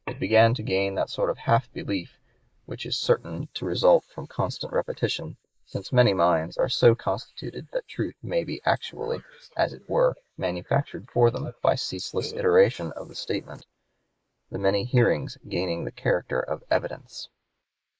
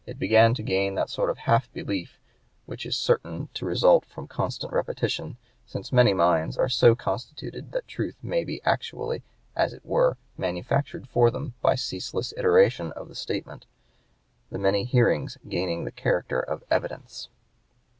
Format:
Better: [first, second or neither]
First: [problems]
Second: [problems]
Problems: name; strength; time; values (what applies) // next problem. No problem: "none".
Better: second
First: noise reduction (neural mask model Resemble Enhance denoiser)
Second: none